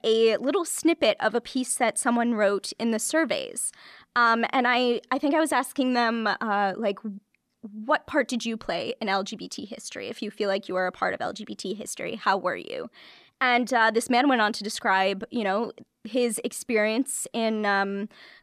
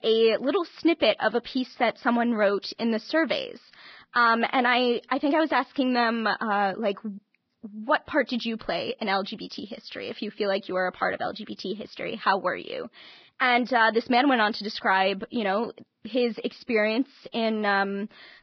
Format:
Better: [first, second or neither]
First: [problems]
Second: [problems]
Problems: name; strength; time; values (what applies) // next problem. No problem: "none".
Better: first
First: none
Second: garbled, watery; badly; nothing above 5 kHz